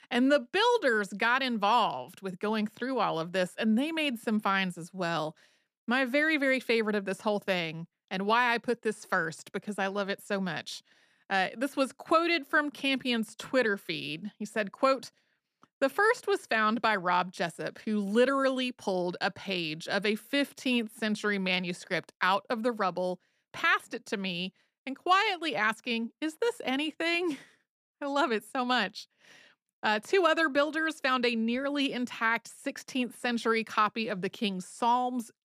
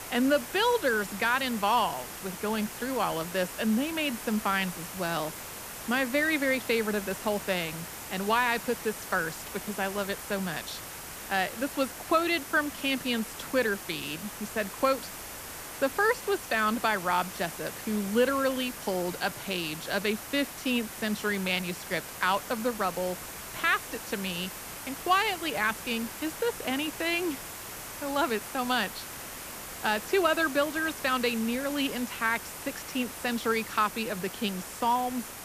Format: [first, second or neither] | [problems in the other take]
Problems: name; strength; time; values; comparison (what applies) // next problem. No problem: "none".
first | hiss; loud; throughout; 9 dB below the speech